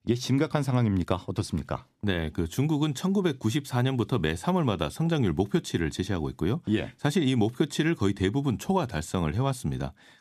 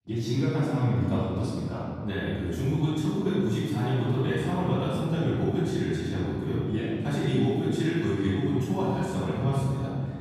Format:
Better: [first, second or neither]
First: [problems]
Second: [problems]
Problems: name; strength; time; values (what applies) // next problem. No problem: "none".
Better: first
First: none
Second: room echo; strong; dies away in 2.3 s // off-mic speech; far